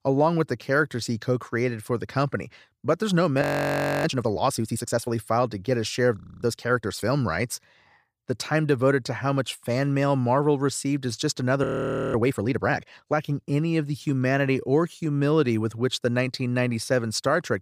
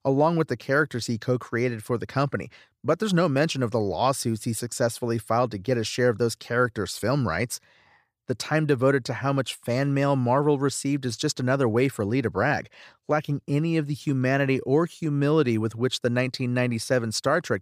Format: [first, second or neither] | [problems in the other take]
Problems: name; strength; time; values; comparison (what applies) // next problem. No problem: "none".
second | audio freezing; at 3.5 s for 0.5 s, at 6 s and at 12 s for 0.5 s